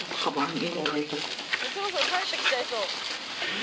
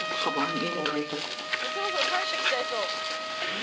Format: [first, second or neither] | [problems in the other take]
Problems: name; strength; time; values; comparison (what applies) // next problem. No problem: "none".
first | background sound (Trumpet); 4 dB below the speech